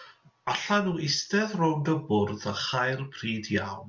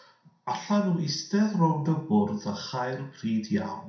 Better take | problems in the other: first | room echo; dies away in 0.4 s

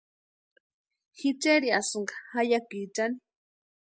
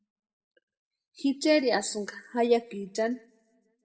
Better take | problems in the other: first | room echo; dies away in 0.5 s

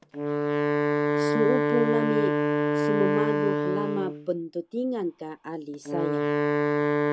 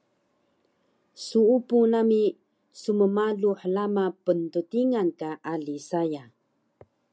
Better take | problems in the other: second | background sound (Wind instrument, woodwind instrument); 5 dB above the speech

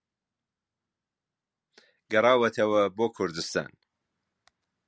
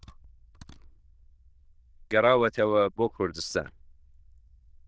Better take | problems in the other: first | noise reduction (neural diffusion model UNIVERSE++)

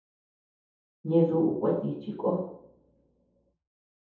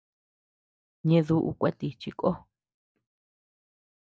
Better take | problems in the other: second | room echo; dies away in 0.7 s

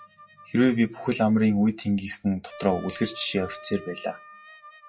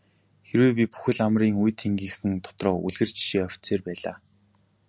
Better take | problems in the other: second | noise reduction (classical method WPE with log-MMSE)

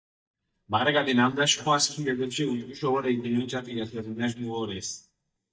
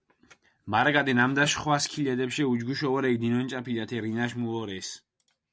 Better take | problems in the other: second | noise reduction (neural mask model DeepFilterNet 3)

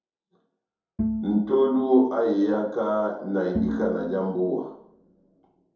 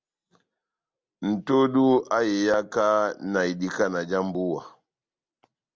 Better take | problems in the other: second | background sound (Bowed string instrument); 8 dB below the speech // room echo; dies away in 2.7 s

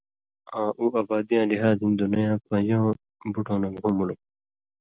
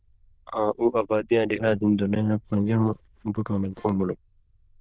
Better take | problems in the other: first | noise reduction (neural diffusion model UNIVERSE++)

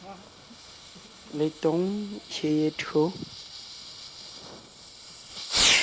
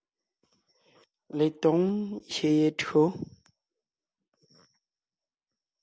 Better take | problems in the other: second | background sound (Fireworks); 1 dB below the speech

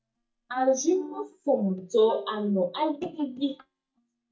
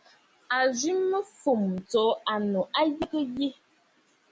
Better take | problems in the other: second | noise reduction (neural mask model DeepFilterNet 3)

